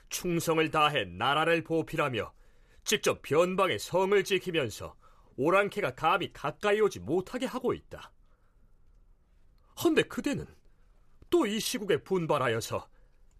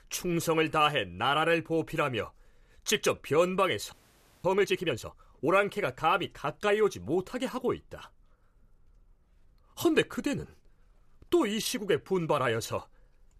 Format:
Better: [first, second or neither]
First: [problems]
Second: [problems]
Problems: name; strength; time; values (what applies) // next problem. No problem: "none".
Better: first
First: none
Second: audio freezing; at 4 s for 0.5 s